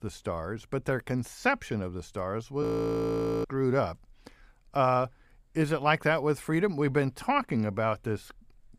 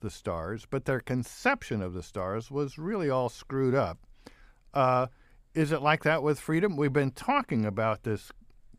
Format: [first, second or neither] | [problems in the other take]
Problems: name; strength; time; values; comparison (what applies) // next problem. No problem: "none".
second | audio freezing; at 2.5 s for 1 s